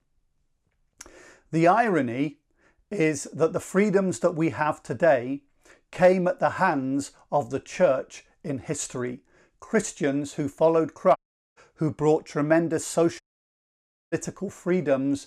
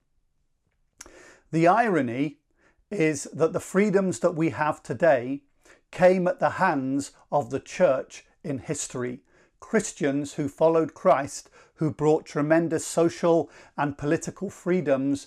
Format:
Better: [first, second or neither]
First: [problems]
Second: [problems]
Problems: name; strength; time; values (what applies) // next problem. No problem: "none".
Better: second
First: audio cutting out; at 11 s and at 13 s for 1 s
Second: none